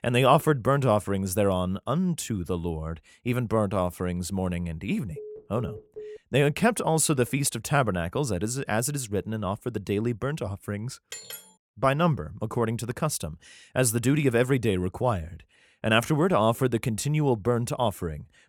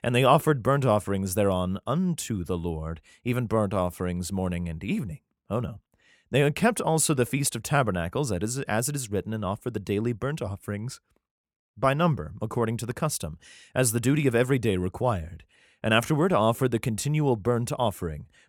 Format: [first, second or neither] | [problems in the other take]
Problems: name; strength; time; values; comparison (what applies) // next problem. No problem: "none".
second | phone ringing; faint; from 5 to 6 s; peak 15 dB below the speech // clattering dishes; faint; at 11 s; peak 10 dB below the speech